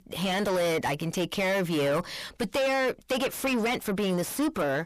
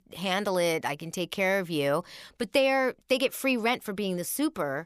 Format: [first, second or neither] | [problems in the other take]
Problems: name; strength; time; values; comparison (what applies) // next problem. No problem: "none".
second | distortion; heavy; 5 dB below the speech